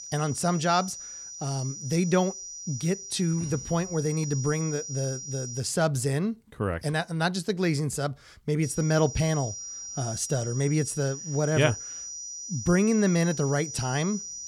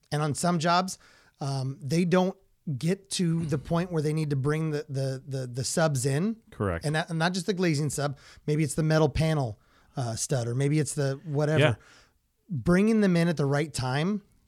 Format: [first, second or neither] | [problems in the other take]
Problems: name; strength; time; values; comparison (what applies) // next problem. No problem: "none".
second | high-pitched whine; loud; until 5.5 s and from 8.5 s on; 5.5 kHz, 9 dB below the speech